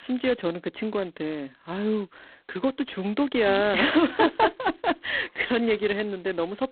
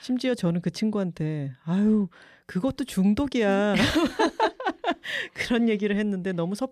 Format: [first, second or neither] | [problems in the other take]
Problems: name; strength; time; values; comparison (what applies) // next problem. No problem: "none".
second | phone-call audio; poor line; nothing above 4 kHz